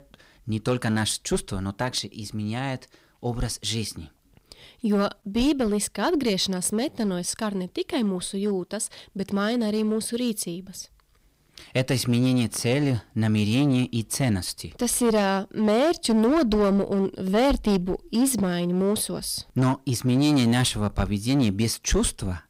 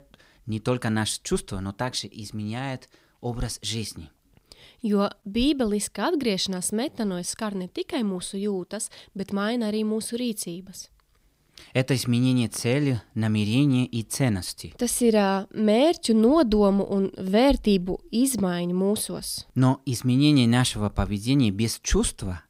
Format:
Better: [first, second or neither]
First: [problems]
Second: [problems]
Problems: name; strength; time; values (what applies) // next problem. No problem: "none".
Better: second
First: distortion; slight; 7% of the sound clipped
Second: none